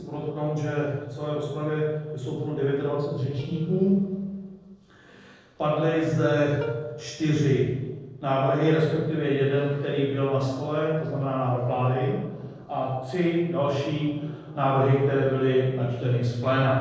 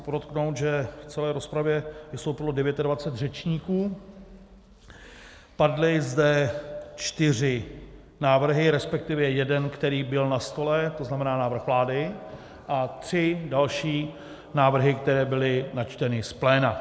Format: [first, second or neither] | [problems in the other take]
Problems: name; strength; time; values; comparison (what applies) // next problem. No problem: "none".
second | noise reduction (neural separator model SepFormer DNS4)